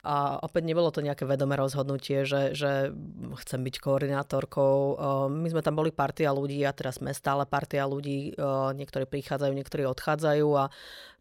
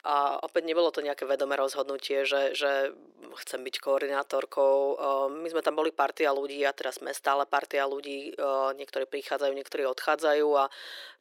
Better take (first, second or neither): first